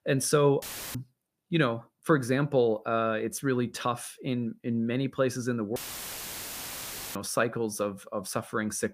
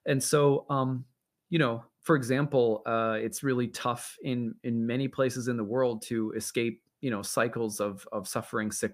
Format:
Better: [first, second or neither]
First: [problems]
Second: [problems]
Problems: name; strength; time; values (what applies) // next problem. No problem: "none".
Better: second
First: audio cutting out; filled with static; at 0.5 s and at 6 s for 1.5 s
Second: none